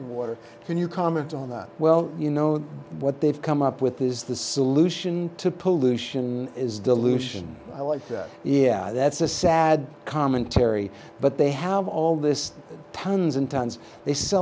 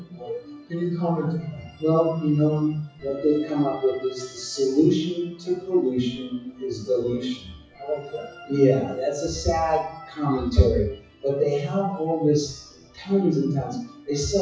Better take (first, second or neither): first